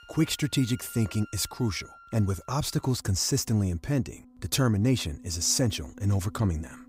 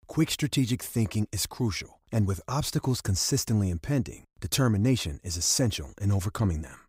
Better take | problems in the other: second | background music; faint; throughout; 20 dB below the speech

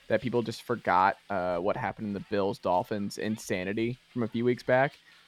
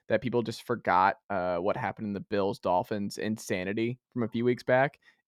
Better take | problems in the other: second | hiss; faint; throughout; 25 dB below the speech

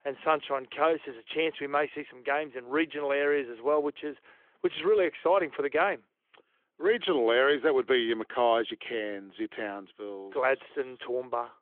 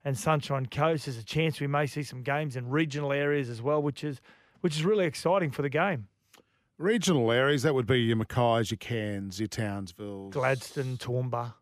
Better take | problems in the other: second | phone-call audio; nothing above 3.5 kHz

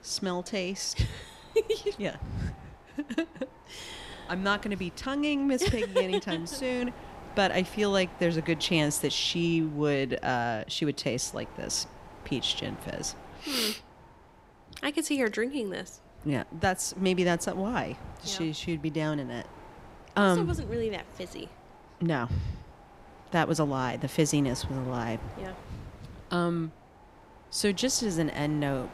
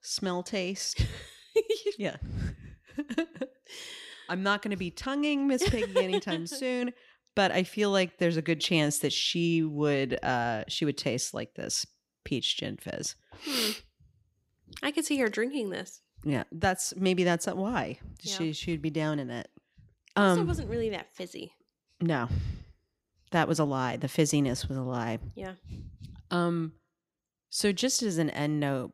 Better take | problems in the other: second | wind noise on the microphone; occasional gusts; 20 dB below the speech

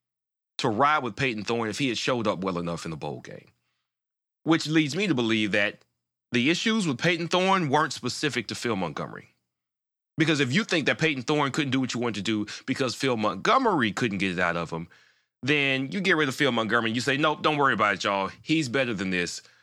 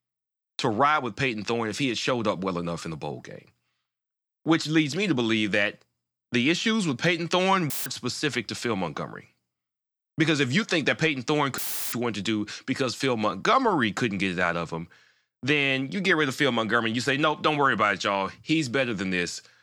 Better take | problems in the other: first | audio cutting out; filled with static; at 7.5 s and at 12 s

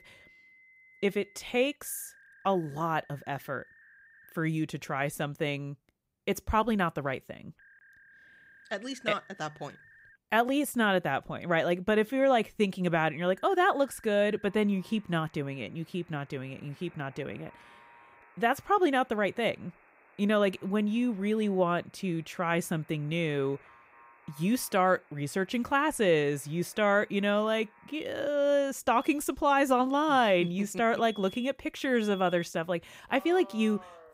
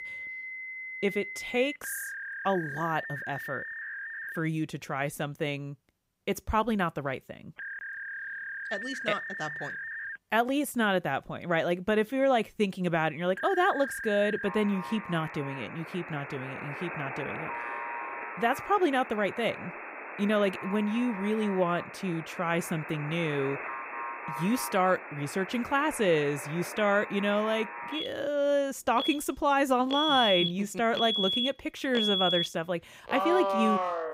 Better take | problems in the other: first | alarms or sirens; loud; throughout; 5 dB below the speech; faint in the first

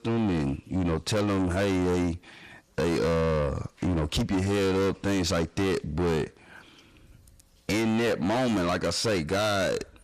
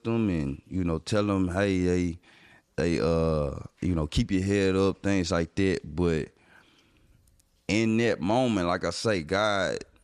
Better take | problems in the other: second | distortion; heavy; 7 dB below the speech

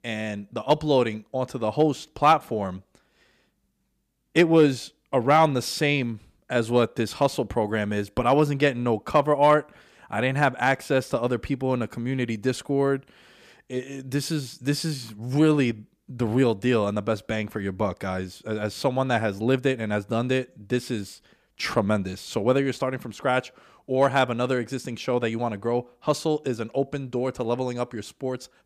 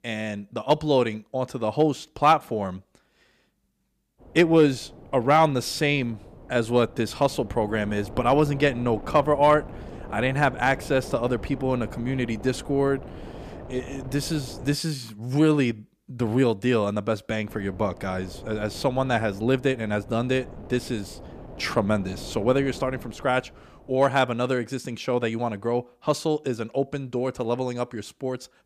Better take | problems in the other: first | wind noise on the microphone; occasional gusts; from 4 to 15 s and from 17 to 24 s; 20 dB below the speech

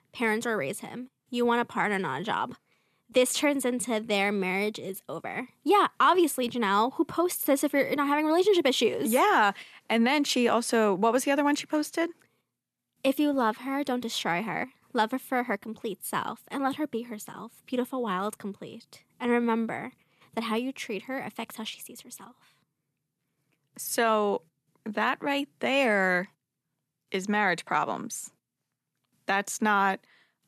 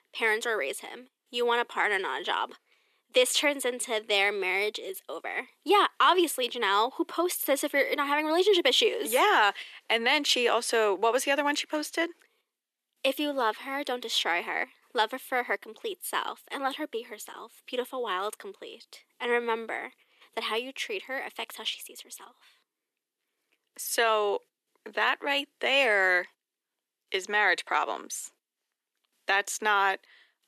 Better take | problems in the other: first | thin; somewhat; fading below 350 Hz

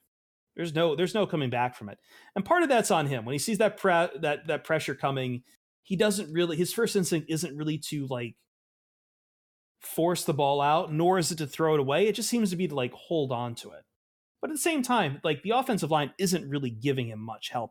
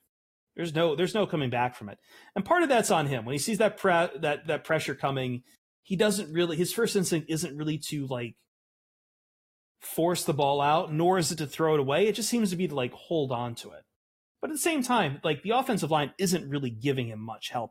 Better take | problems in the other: first | garbled, watery; slightly; nothing above 14.5 kHz

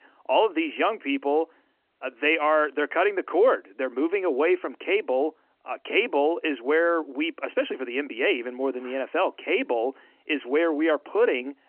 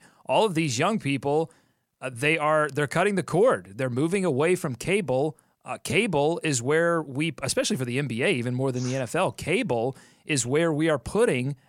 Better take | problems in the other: second | phone-call audio; nothing above 3 kHz

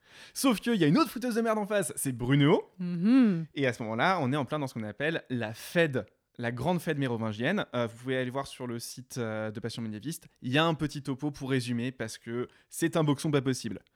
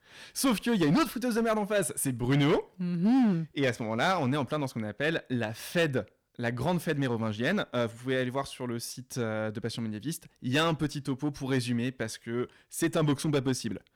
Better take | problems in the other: first | distortion; slight; 6% of the sound clipped

